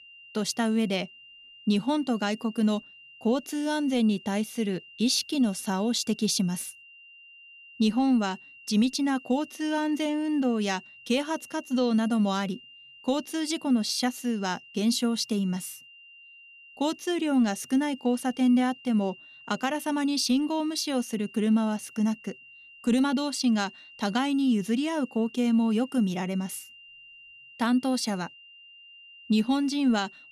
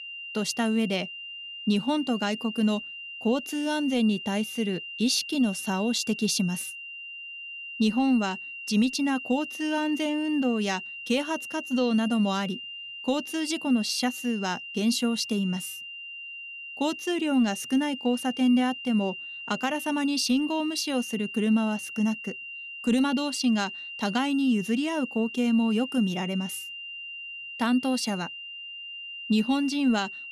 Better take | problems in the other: first | high-pitched whine; loud; throughout; 3 kHz, 10 dB below the speech; faint in the first

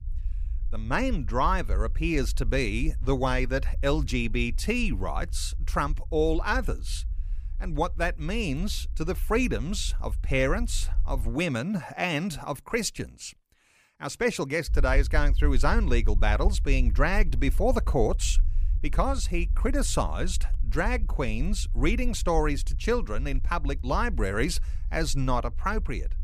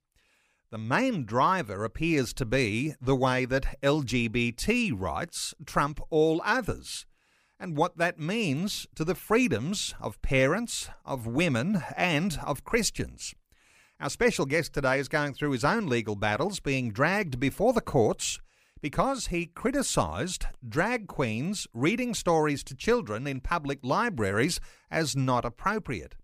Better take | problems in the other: second | low rumble; faint; until 11 s and from 15 s on; 25 dB below the speech

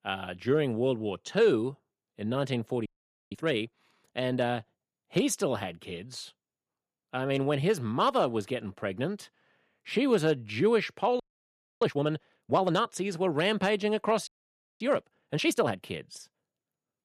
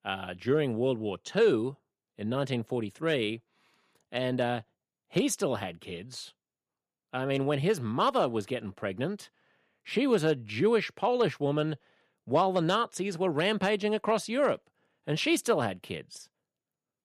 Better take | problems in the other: second | audio freezing; at 3 s, at 11 s for 0.5 s and at 14 s for 0.5 s

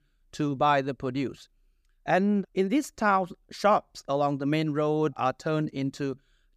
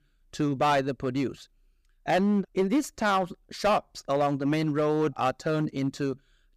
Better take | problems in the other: first | distortion; slight; 6% of the sound clipped

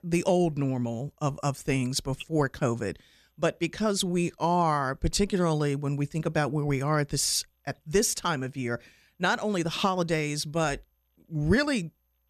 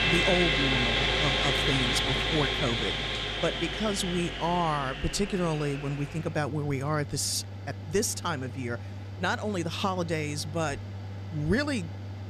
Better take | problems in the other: first | machinery noise; very loud; throughout; as loud as the speech

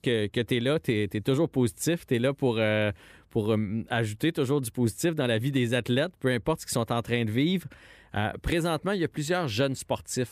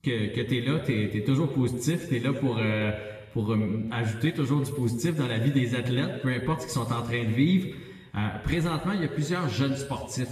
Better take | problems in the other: first | room echo; noticeable; dies away in 1.3 s // off-mic speech; somewhat distant

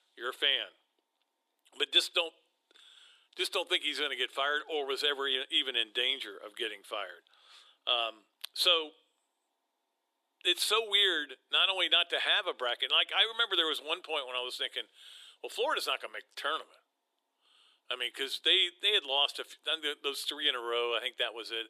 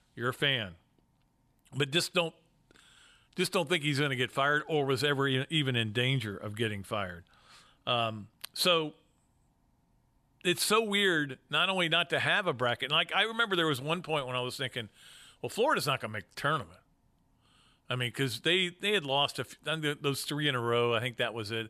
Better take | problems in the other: second | thin; very; fading below 350 Hz

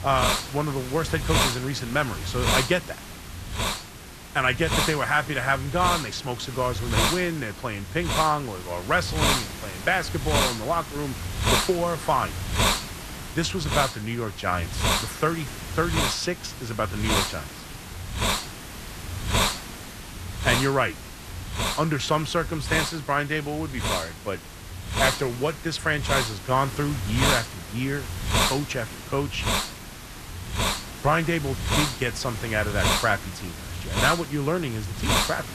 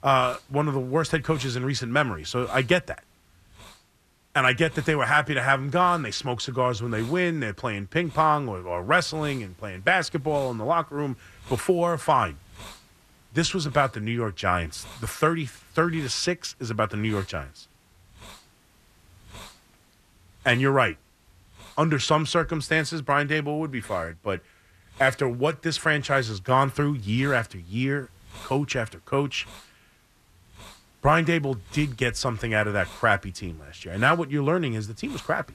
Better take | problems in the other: second | hiss; loud; throughout; 1 dB below the speech; faint in the second

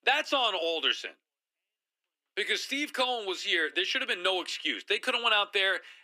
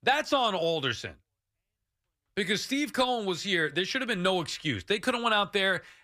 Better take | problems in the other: second | thin; somewhat; fading below 300 Hz

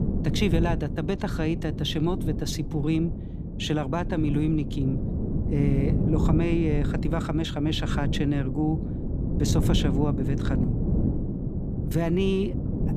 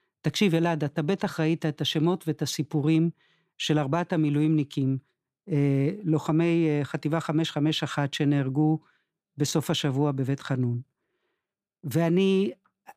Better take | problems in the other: second | wind noise on the microphone; heavy; 6 dB below the speech

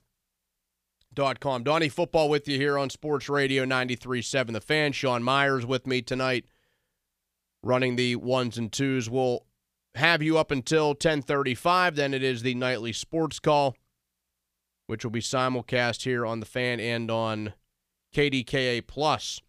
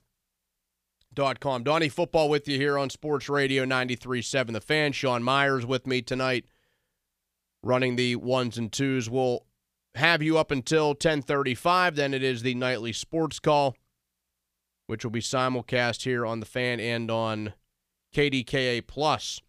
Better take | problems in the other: neither | none

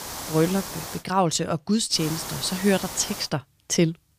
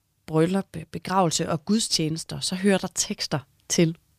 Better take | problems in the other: second | hiss; loud; at the start and from 2 to 3.5 s; 9 dB below the speech

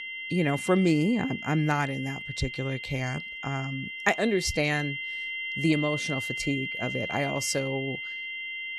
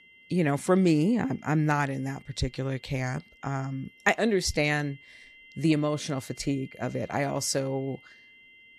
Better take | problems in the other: second | high-pitched whine; loud; throughout; 2 kHz, 5 dB below the speech; faint in the second

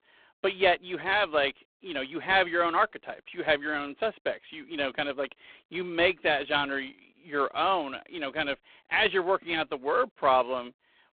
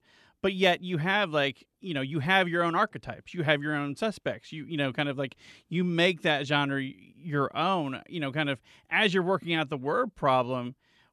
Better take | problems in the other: second | phone-call audio; poor line

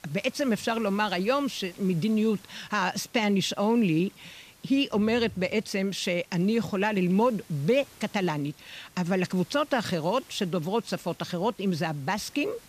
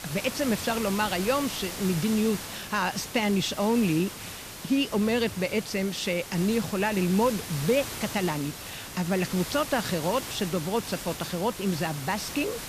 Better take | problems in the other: first | hiss; loud; throughout; 9 dB below the speech; faint in the first

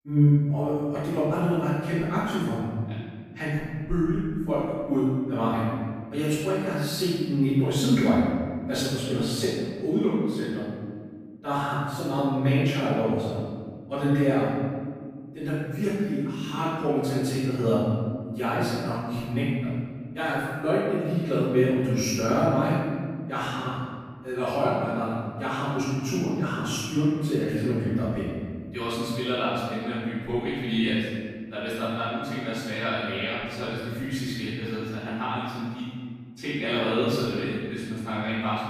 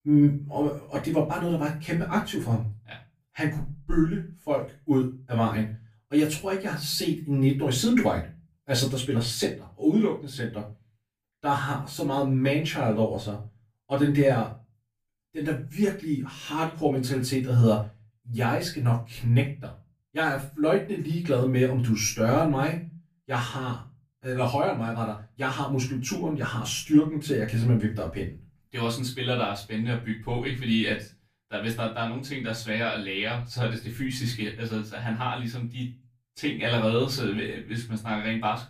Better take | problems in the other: second | room echo; strong; dies away in 1.8 s; slight in the second // off-mic speech; far; far in the second

